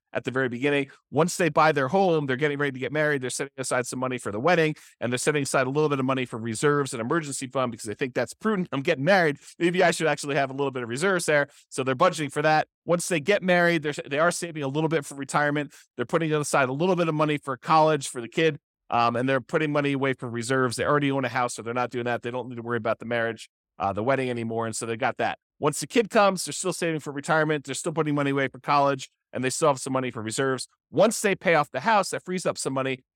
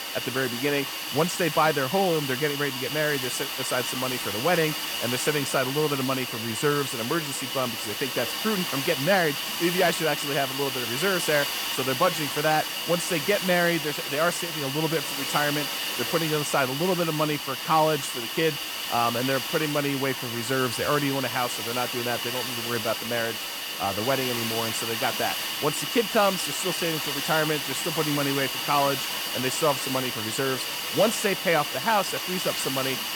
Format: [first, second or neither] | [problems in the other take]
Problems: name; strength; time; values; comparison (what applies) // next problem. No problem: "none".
first | hiss; loud; throughout; 2 dB below the speech